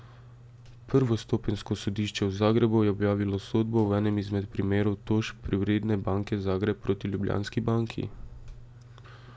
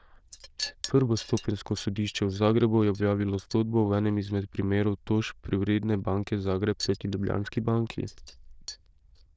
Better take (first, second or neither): first